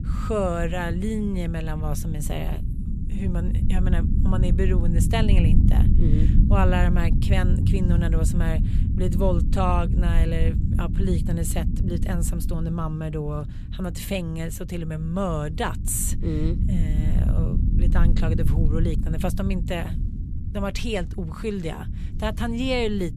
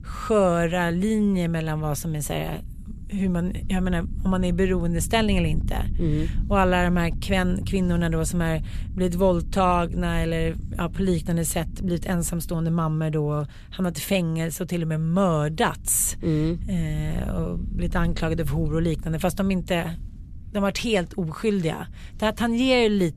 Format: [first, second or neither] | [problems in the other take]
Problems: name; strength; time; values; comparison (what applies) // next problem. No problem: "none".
second | low rumble; loud; throughout; 7 dB below the speech; faint in the second